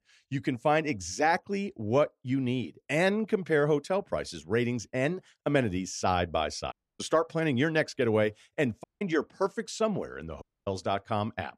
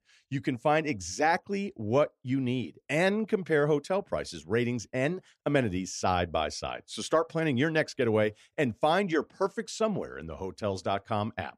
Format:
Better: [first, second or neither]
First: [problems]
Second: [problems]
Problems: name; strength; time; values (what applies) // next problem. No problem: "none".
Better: second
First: audio cutting out; at 6.5 s, at 9 s and at 10 s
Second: none